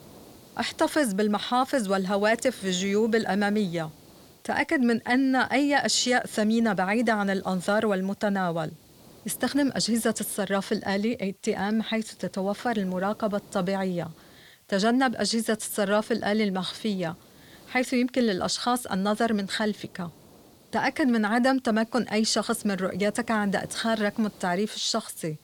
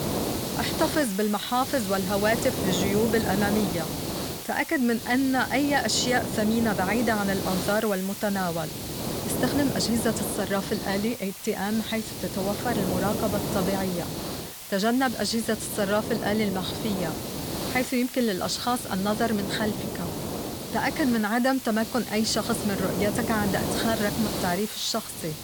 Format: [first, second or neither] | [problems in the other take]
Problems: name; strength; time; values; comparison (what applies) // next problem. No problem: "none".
first | hiss; loud; throughout; 5 dB below the speech; faint in the first